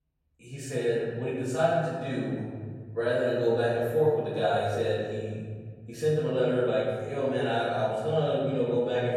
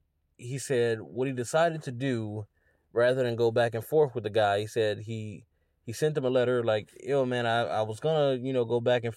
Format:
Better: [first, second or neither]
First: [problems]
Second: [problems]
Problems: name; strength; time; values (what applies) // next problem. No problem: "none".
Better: second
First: room echo; strong; dies away in 1.7 s // off-mic speech; far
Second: none